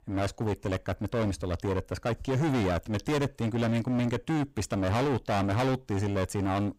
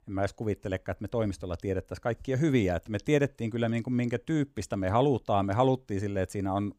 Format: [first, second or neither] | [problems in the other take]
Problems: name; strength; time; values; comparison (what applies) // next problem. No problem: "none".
second | distortion; heavy; 29% of the sound clipped